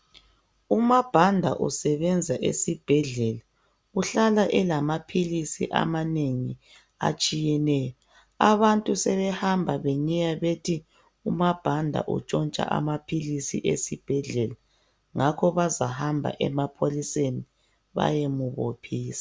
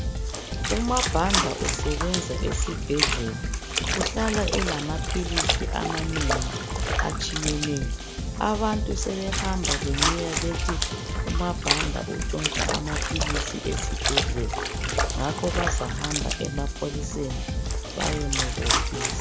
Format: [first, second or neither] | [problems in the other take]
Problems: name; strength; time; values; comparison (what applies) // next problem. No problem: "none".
first | background sound (Drum kit + Trickle, dribble / Splash, splatter); 4 dB above the speech